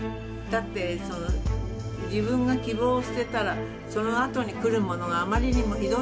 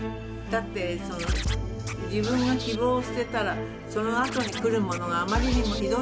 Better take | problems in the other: first | background sound (Scratching (performance technique)); 14 dB below the speech

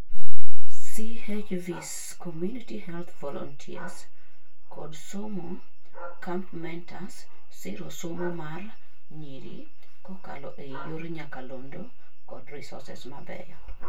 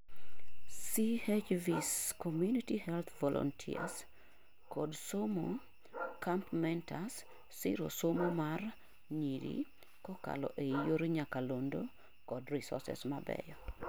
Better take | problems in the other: second | room echo; dies away in 0.2 s

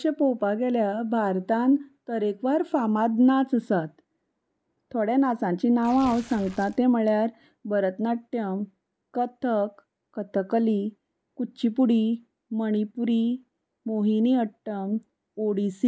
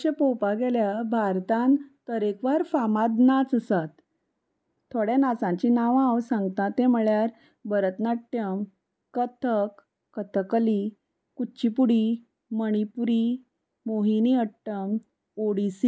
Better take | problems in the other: second | background sound (Tearing); 19 dB below the speech

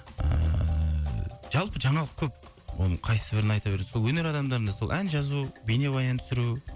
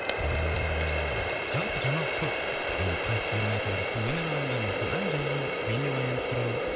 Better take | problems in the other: first | background sound (Water tap, faucet); 2 dB above the speech

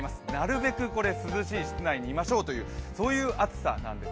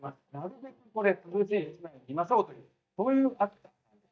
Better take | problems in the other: first | noise reduction (neural mask model DeepFilterNet 3)

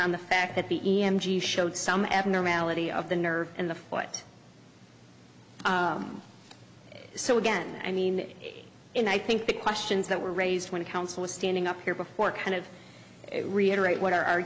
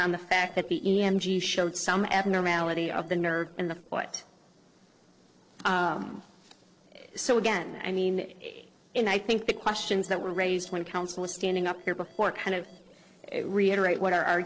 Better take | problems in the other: first | noise reduction (neural separator model SepFormer DNS4)

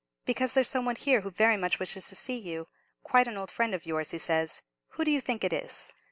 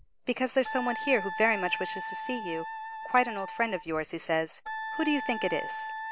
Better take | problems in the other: first | background sound (Wind instrument, woodwind instrument); 7 dB below the speech

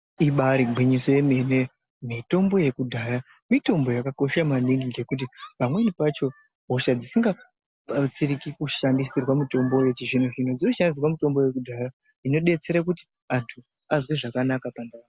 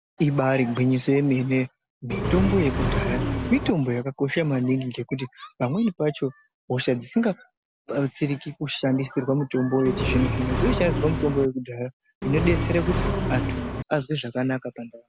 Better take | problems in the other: first | background sound (Accelerating, revving, vroom); as loud as the speech

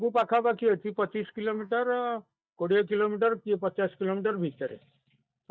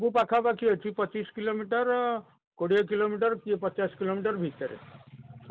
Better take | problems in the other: second | noise reduction (neural mask model DeepFilterNet 3)

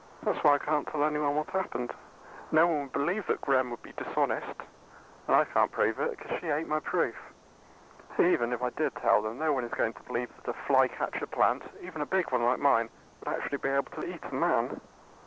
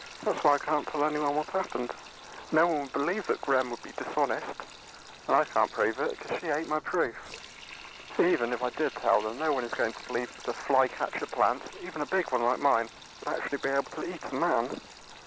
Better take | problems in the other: first | background sound (Sink (filling or washing)); 18 dB below the speech

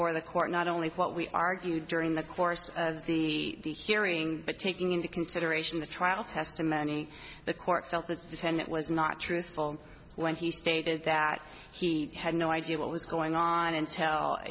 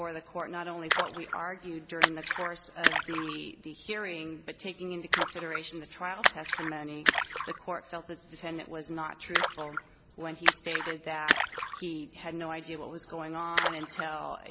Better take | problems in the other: first | background sound (Splash, splatter); 4 dB above the speech

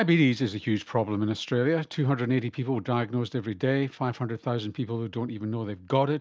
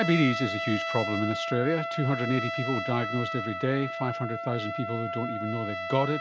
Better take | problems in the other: first | background sound (Trumpet); 4 dB below the speech

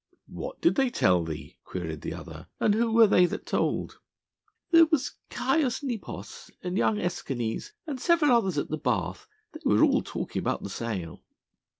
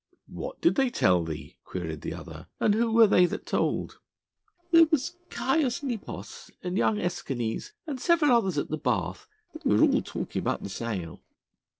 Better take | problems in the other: first | noise reduction (neural separator model SepFormer DNS4)

